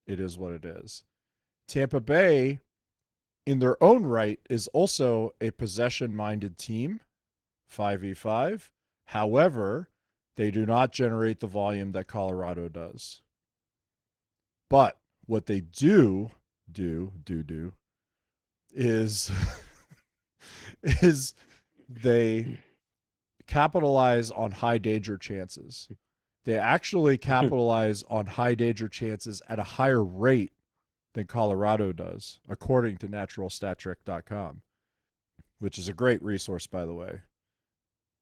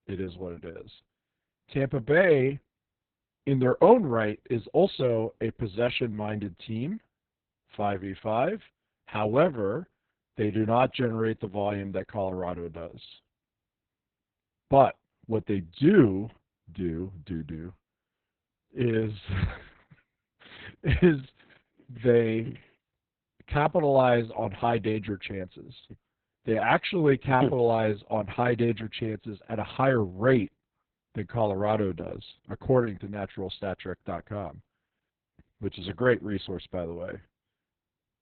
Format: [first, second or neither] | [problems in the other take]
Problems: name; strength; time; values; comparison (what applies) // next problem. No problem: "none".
first | garbled, watery; badly; nothing above 4 kHz; slightly in the first